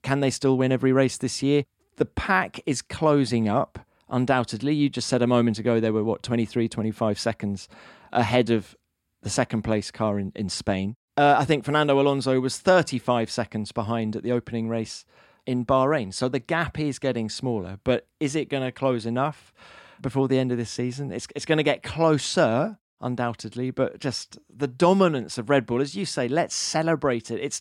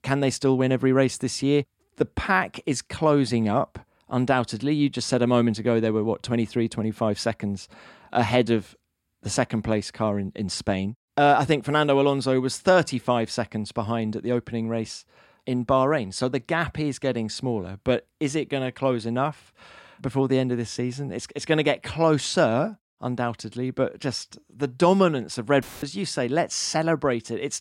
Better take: first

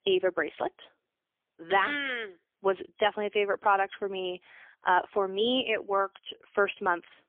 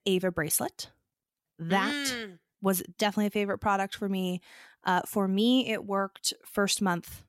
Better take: second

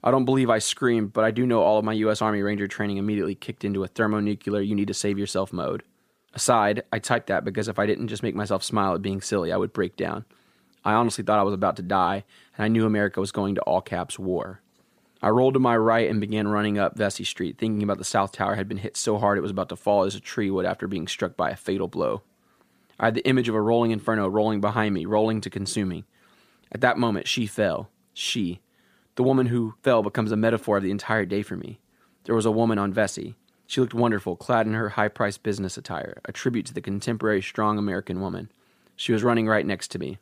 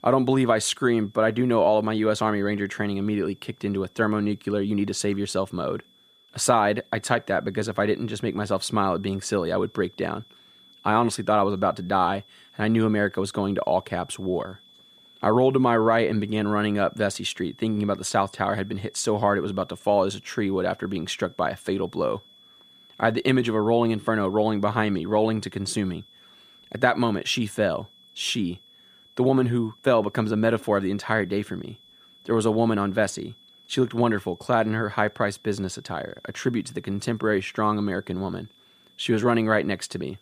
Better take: first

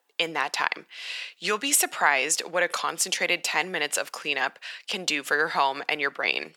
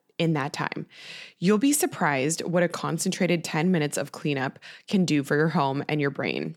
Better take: second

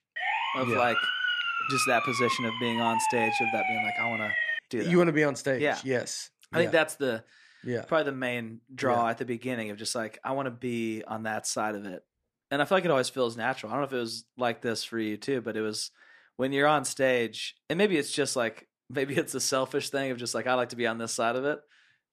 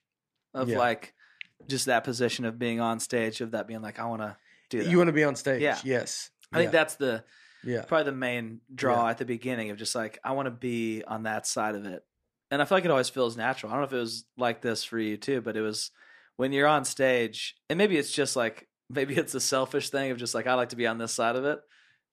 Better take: second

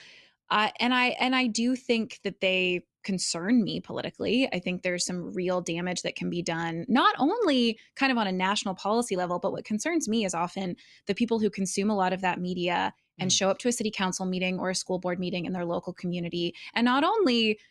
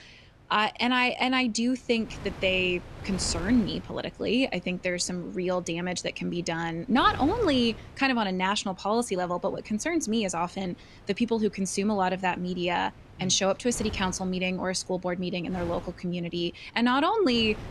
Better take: first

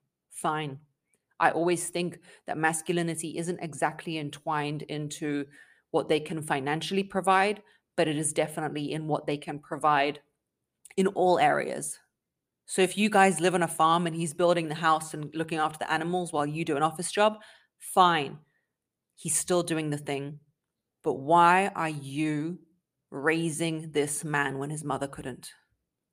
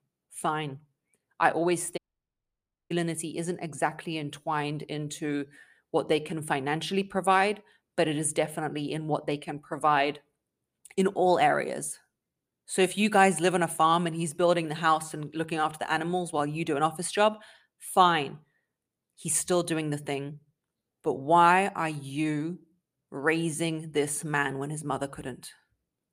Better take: first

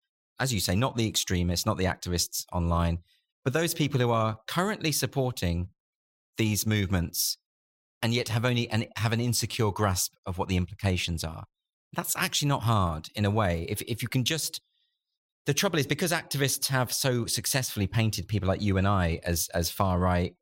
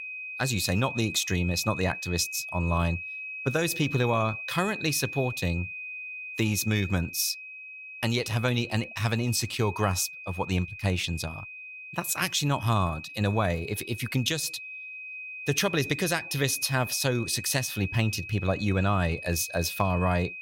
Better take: first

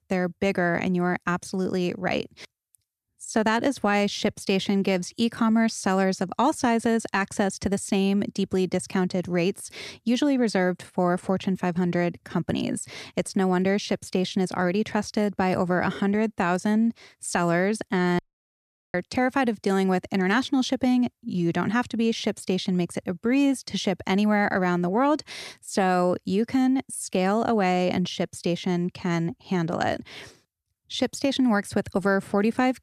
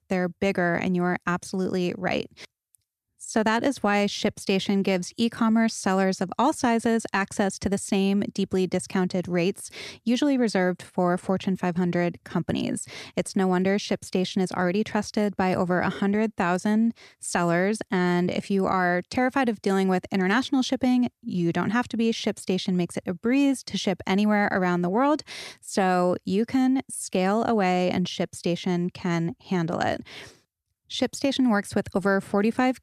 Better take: second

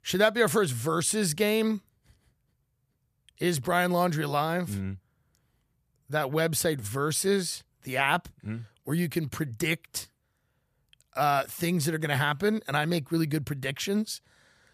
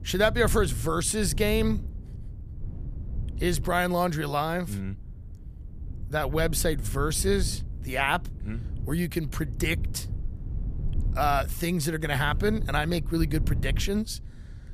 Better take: first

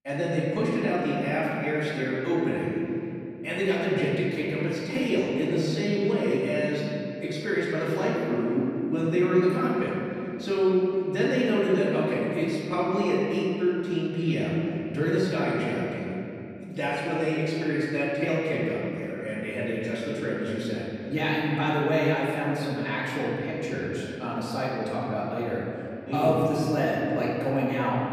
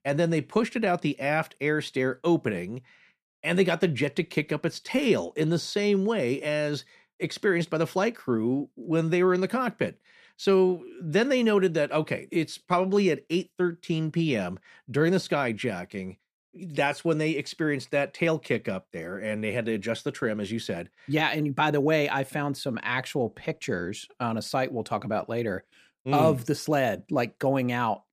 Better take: second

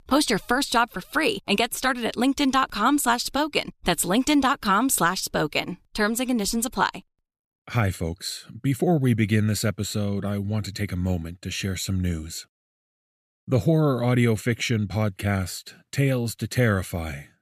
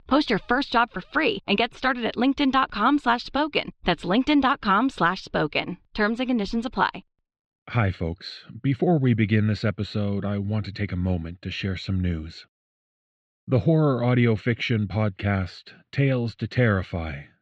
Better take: first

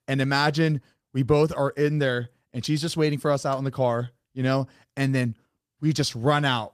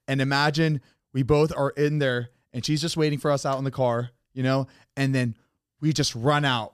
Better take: second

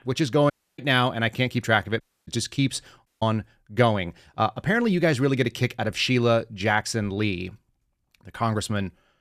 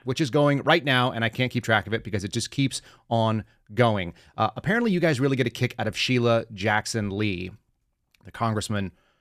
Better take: second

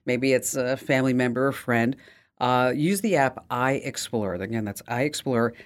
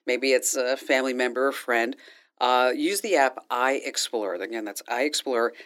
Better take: first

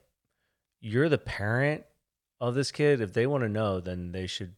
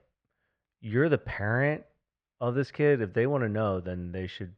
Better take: first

